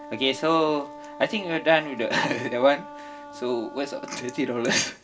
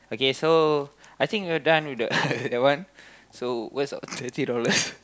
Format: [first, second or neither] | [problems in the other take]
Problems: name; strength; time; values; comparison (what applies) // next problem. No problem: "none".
second | background sound (Wind instrument, woodwind instrument); 16 dB below the speech // room echo; dies away in 0.2 s